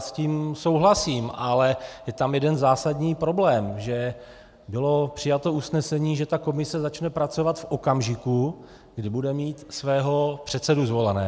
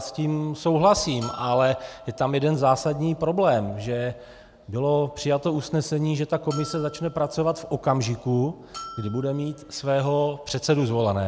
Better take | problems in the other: first | background sound (Bell); 20 dB below the speech

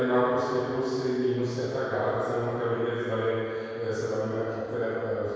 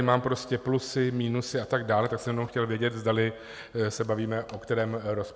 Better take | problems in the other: second | room echo; dies away in 2.2 s

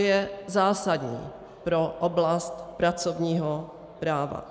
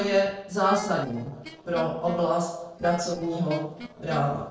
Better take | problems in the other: first | noise reduction (neural separator model SepFormer DNS4)

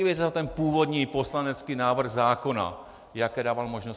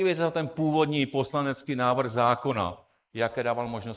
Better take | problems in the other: first | noise reduction (neural mask model Resemble Enhance denoiser)

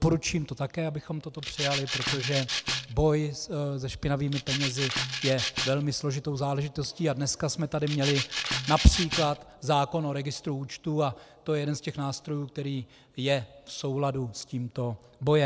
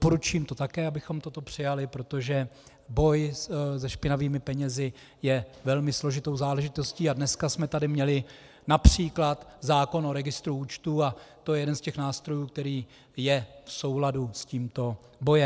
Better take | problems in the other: second | background sound (Rattle (instrument)); 4 dB below the speech

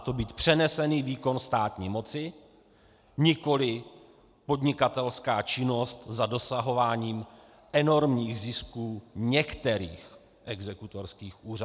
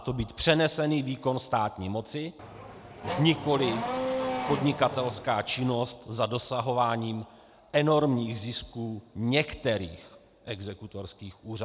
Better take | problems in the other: first | background sound (Race car, auto racing / Accelerating, revving, vroom); 5 dB below the speech

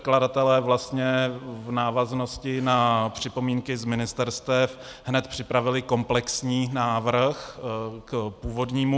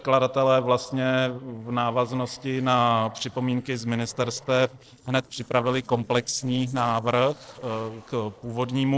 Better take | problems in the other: first | noise reduction (neural separator model SepFormer DNS4)

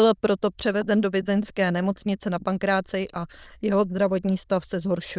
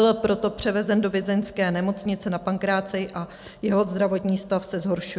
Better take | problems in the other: second | noise reduction (neural diffusion model UNIVERSE++)

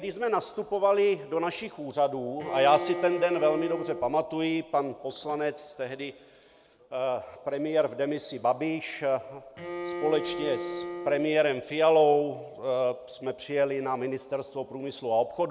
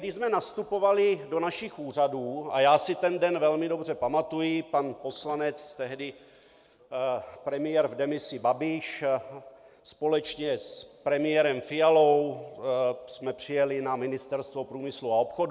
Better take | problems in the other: second | background sound (Bowed string instrument); 8 dB below the speech

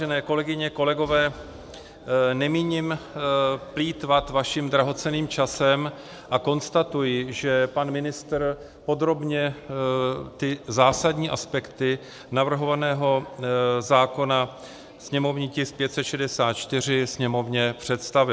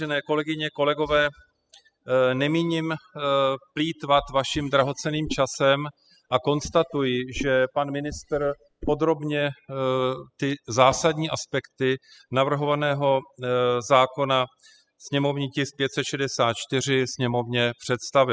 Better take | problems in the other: first | noise reduction (classical method spectral subtraction)

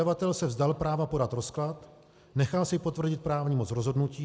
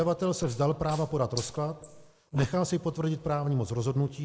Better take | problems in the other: first | noise reduction (neural mask model Resemble Enhance denoiser)

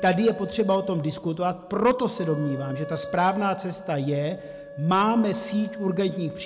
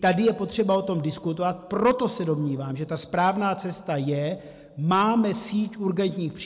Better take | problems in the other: second | background sound (Wind instrument, woodwind instrument); 14 dB below the speech

